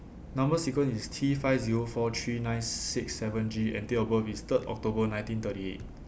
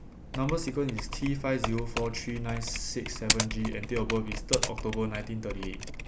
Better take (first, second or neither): first